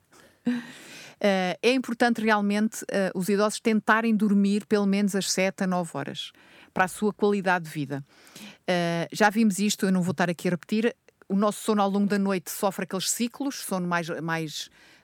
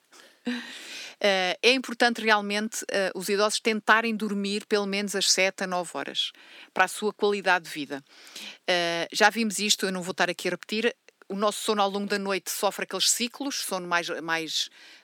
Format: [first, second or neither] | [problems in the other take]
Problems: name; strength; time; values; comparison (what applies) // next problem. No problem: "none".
first | thin; somewhat; fading below 250 Hz